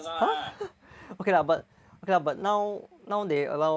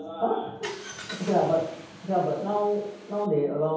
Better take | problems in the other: first | background sound (Car); 16 dB below the speech // room echo; dies away in 0.9 s

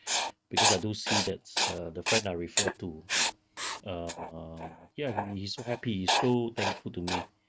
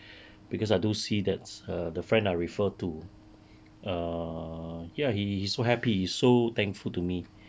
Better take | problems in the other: second | noise reduction (neural mask model RNNoise)

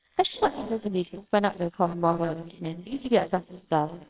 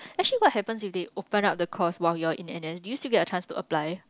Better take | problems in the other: second | noise reduction (neural separator model SepFormer WHAMR!)

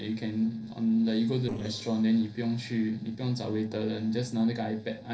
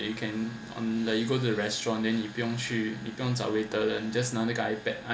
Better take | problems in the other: second | noise reduction (neural separator model SepFormer DNS4)

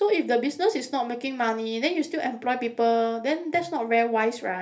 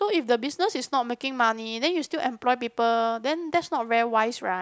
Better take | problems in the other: second | room echo; dies away in 0.3 s

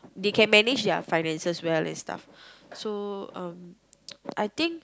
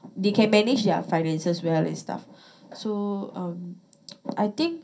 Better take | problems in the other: first | room echo; dies away in 0.3 s

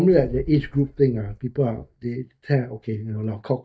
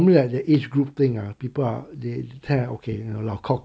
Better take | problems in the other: second | noise reduction (neural mask model DeepFilterNet 3)

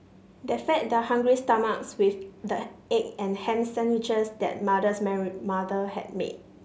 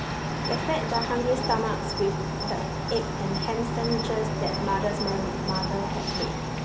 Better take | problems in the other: first | background sound (Cricket); 1 dB above the speech

